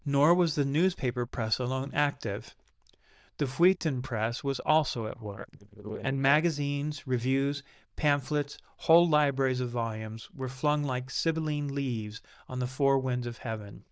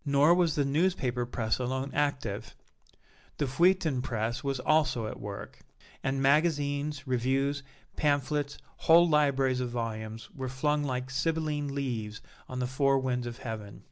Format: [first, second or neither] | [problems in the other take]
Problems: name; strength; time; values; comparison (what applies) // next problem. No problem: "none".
second | noise reduction (neural diffusion model UNIVERSE++)